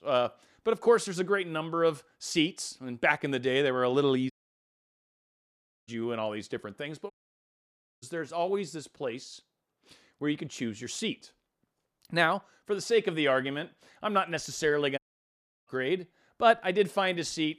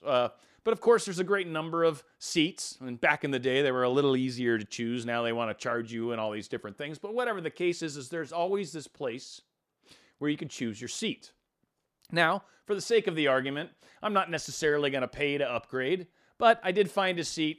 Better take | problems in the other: second | audio cutting out; at 4.5 s for 1.5 s, at 7 s for 1 s and at 15 s for 0.5 s

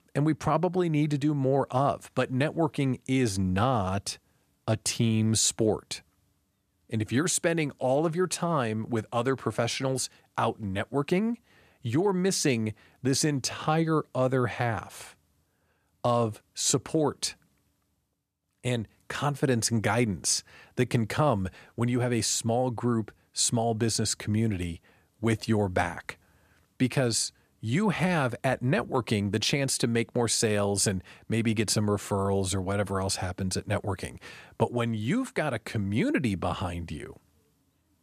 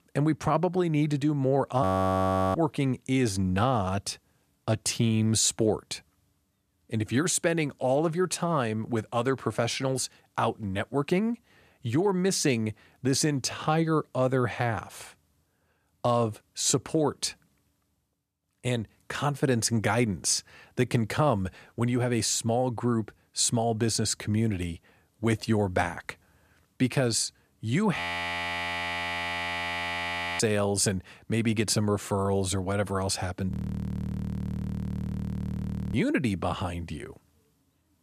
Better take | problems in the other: first | audio freezing; at 2 s for 0.5 s, at 28 s for 2.5 s and at 34 s for 2.5 s

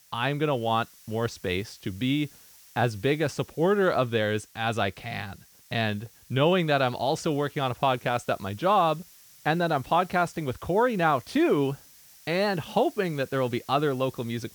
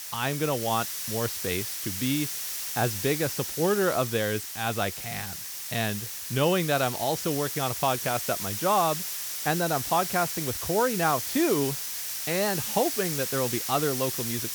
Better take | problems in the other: first | hiss; loud; throughout; 3 dB below the speech; faint in the first

